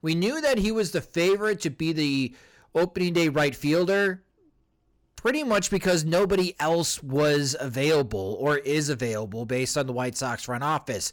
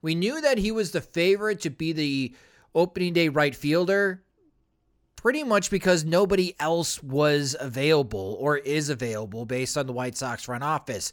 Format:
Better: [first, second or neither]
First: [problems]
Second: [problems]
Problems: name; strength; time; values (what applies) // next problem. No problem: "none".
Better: second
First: distortion; slight; 6% of the sound clipped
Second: none